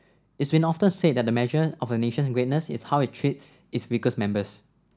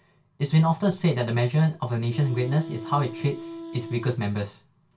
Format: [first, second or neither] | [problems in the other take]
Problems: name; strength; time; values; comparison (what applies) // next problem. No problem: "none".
first | background sound (Wind instrument, woodwind instrument); 13 dB below the speech // room echo; dies away in 0.2 s